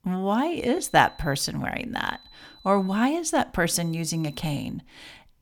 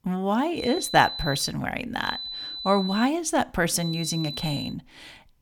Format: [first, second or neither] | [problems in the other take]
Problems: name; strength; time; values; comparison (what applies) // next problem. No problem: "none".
first | high-pitched whine; loud; at 0.5 s, from 2 to 3 s and at 4 s; 4 kHz, 8 dB below the speech; faint in the first